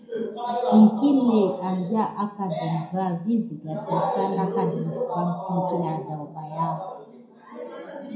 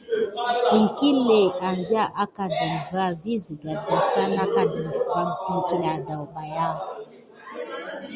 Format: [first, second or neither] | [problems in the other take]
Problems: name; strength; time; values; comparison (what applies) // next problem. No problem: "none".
second | room echo; dies away in 0.4 s